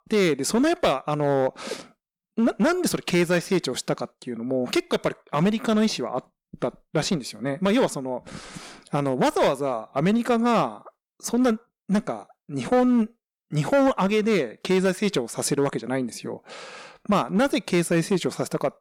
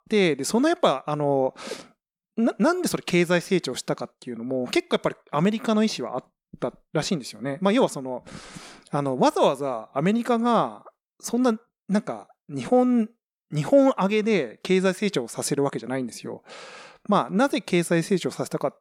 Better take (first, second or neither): second